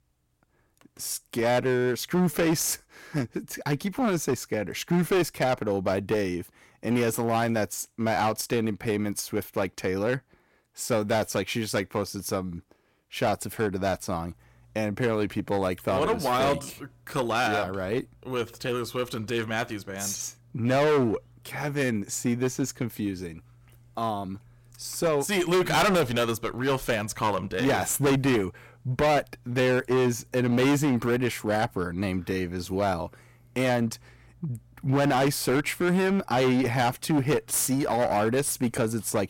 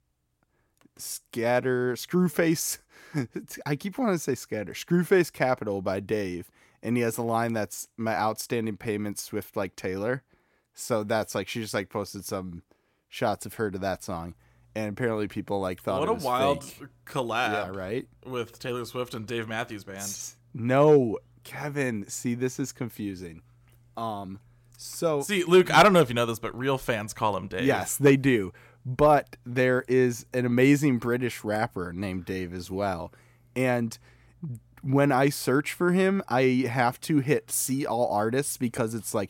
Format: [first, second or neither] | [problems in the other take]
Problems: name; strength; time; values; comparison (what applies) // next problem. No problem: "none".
second | distortion; heavy; 12% of the sound clipped